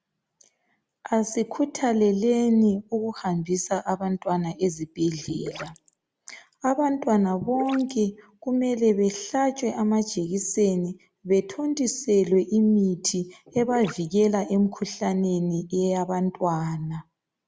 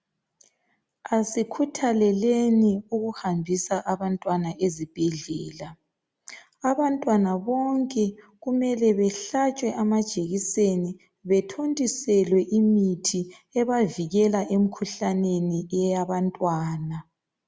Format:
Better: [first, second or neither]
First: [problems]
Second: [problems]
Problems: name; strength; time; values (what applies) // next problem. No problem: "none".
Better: second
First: background sound (Gurgling / Liquid); 14 dB below the speech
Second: none